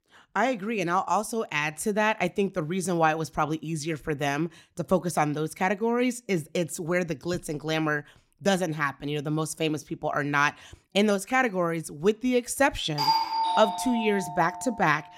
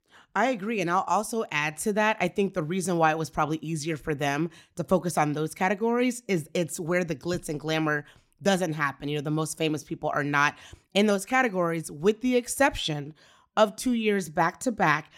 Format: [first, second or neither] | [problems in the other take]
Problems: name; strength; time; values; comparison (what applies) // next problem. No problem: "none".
second | doorbell; loud; from 13 to 15 s; peak 3 dB above the speech